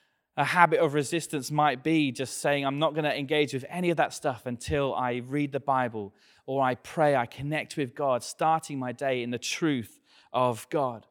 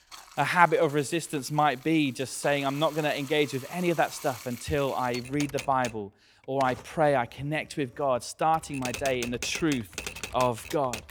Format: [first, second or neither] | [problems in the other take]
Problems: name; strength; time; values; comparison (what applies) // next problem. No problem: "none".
first | household noises; noticeable; throughout; 15 dB below the speech